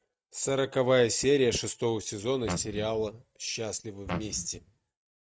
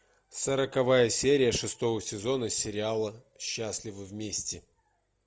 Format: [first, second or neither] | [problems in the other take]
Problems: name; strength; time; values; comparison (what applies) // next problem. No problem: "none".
second | noise reduction (neural mask model RNNoise)